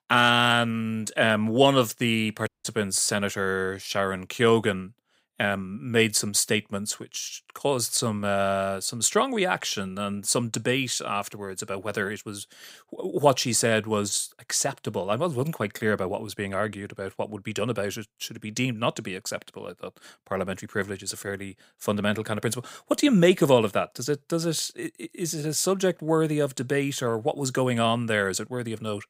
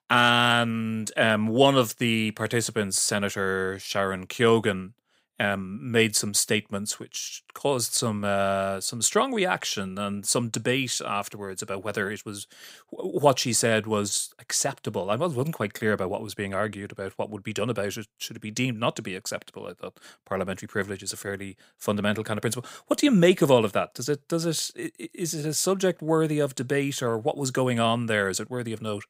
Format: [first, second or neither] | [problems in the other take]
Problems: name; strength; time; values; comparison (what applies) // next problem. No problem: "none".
second | audio cutting out; at 2.5 s